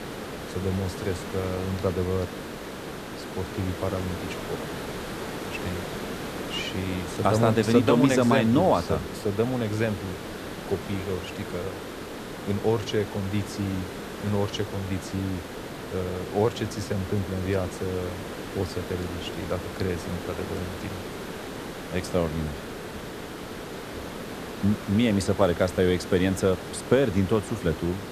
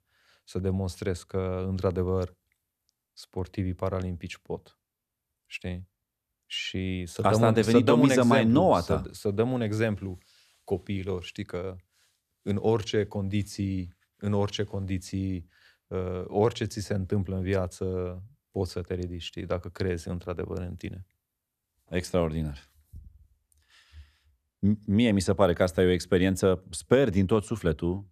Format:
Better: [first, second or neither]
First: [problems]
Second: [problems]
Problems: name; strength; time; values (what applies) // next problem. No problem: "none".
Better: second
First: hiss; loud; throughout; 8 dB below the speech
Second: none